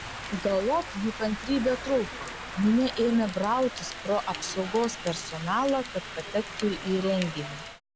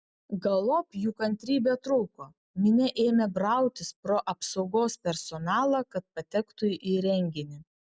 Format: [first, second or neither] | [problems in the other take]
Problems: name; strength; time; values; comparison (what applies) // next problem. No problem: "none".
second | background sound (Rain); 10 dB below the speech